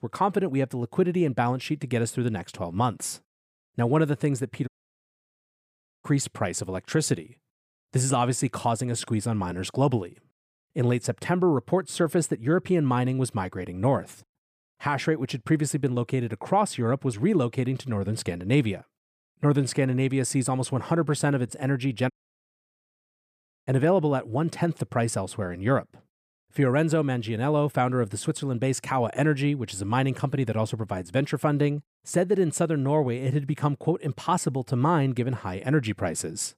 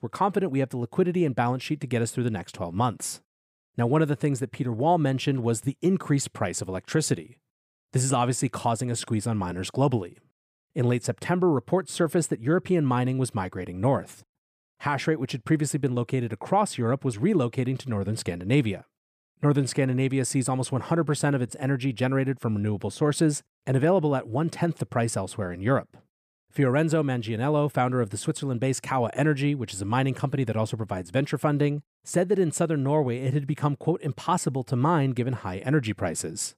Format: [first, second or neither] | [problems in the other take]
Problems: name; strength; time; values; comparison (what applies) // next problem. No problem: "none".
second | audio cutting out; at 4.5 s for 1.5 s and at 22 s for 1.5 s